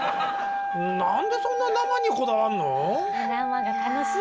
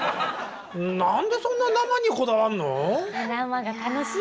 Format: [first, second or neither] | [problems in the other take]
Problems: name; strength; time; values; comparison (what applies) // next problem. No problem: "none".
second | background sound (Wind instrument, woodwind instrument); as loud as the speech